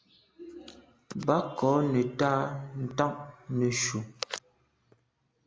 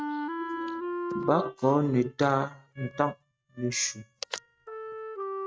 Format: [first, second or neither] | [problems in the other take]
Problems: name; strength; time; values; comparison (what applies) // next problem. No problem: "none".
first | noise reduction (neural mask model RNNoise)